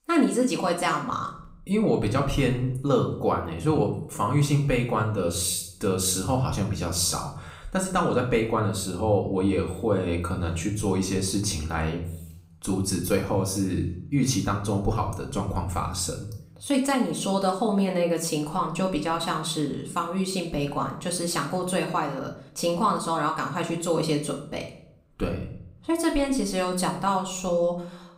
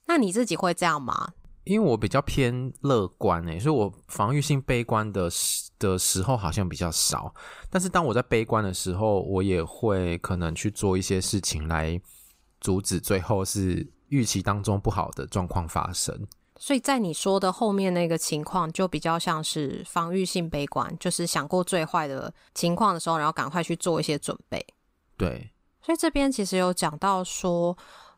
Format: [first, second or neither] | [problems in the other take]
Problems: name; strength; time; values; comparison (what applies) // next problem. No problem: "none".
second | room echo; slight; dies away in 0.6 s // off-mic speech; somewhat distant